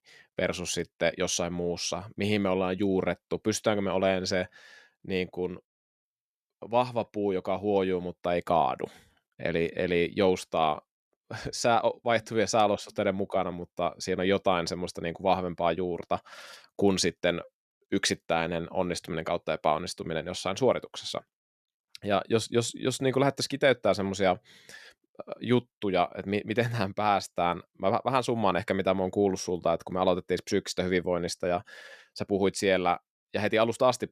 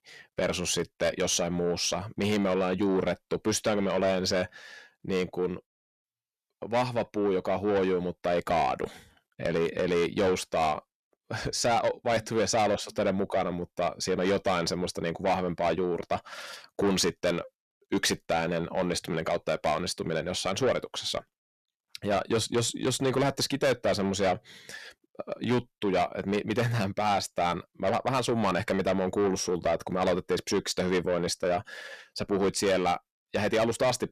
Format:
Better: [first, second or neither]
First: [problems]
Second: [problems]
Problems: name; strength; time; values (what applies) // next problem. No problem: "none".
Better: first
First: none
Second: distortion; heavy; 7 dB below the speech